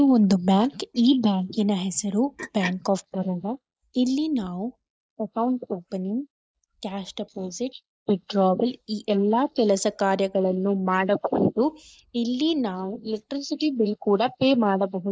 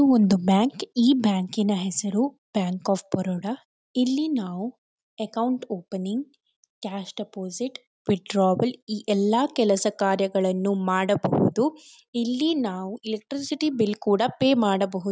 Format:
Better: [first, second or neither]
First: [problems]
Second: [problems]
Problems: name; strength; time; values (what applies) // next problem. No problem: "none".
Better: second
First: noise reduction (neural mask model Resemble Enhance denoiser)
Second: none